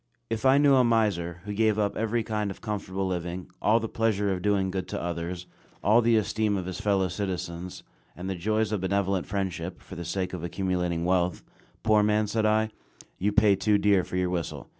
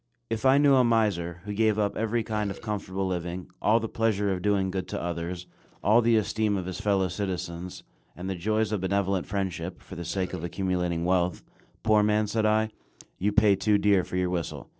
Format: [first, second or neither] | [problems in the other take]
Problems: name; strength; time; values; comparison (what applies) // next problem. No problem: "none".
first | noise reduction (neural separator model SepFormer DNS4)